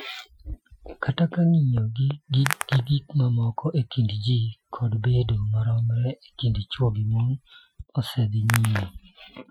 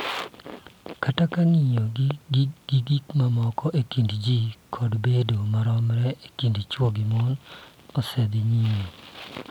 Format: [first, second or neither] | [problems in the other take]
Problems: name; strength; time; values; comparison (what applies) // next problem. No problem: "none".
second | noise reduction (classical method Wiener filter)